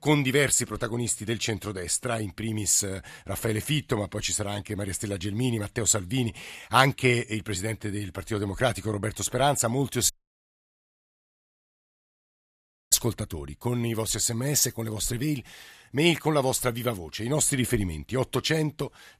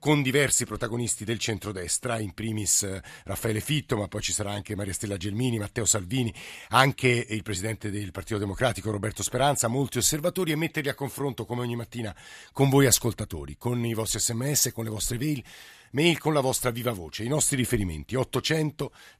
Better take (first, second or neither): second